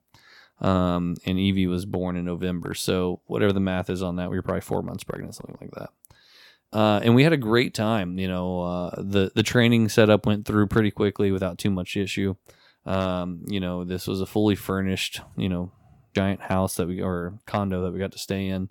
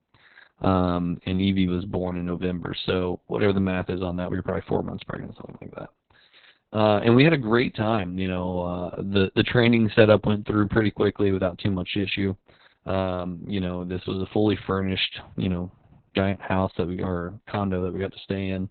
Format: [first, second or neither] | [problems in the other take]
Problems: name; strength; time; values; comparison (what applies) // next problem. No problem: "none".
first | garbled, watery; badly; nothing above 4 kHz